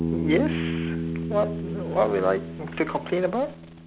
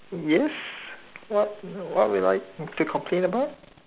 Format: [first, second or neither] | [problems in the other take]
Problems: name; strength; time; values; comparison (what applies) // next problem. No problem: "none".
second | background sound (Bass guitar); 3 dB below the speech